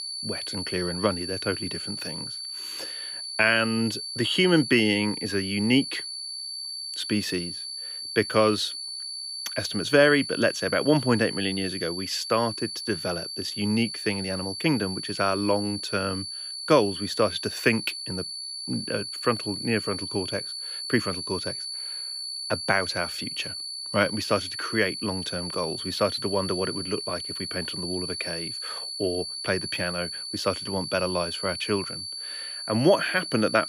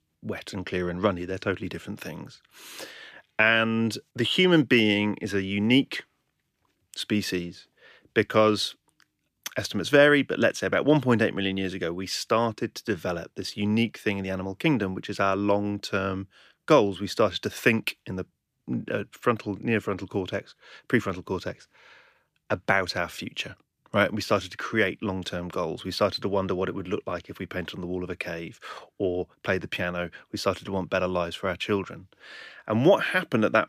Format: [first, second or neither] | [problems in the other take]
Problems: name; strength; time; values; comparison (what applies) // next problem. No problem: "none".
second | high-pitched whine; loud; throughout; 4.5 kHz, 5 dB below the speech